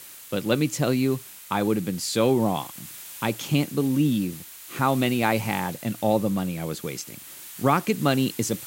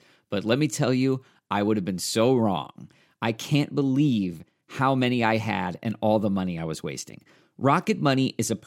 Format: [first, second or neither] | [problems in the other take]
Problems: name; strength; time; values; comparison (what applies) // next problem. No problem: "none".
second | hiss; noticeable; throughout; 15 dB below the speech